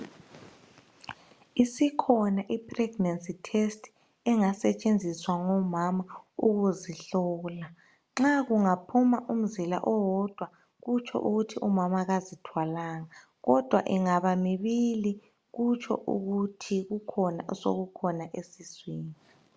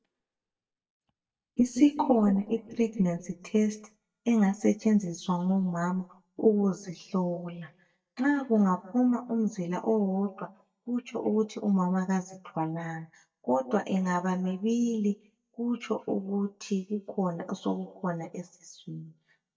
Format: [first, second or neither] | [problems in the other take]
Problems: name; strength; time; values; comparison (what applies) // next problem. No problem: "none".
first | noise reduction (neural mask model DeepFilterNet 3)